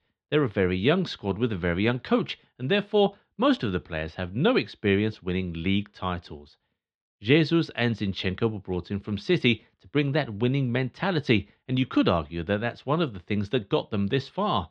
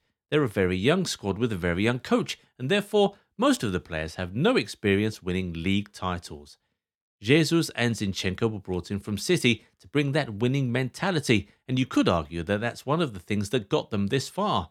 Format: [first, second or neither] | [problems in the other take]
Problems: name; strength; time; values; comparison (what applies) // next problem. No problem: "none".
second | muffled; very slightly; fading above 3.5 kHz